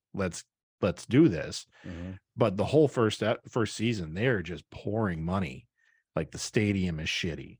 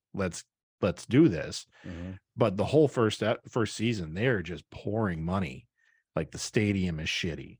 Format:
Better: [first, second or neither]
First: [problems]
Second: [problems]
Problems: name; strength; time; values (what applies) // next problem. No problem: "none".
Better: neither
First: none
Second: none